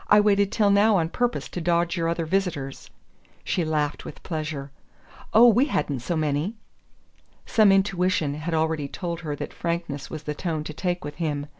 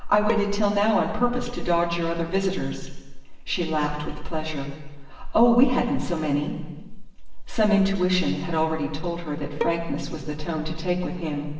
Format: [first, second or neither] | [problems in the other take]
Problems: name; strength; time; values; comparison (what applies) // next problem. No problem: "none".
first | background sound (Bowed string instrument); 11 dB below the speech // room echo; dies away in 1.2 s